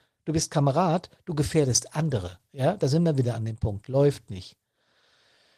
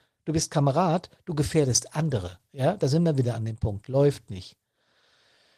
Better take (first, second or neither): neither